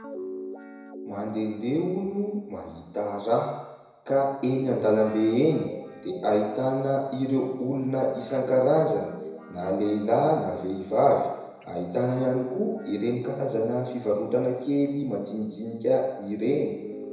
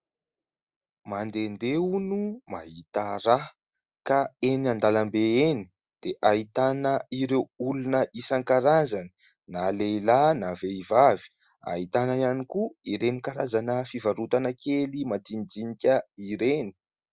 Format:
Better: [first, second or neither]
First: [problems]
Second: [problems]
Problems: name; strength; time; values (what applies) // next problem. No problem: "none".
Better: second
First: background sound (Guitar); 16 dB below the speech // room echo; dies away in 1 s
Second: none